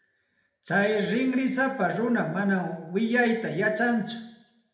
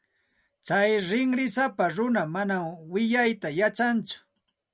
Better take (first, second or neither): second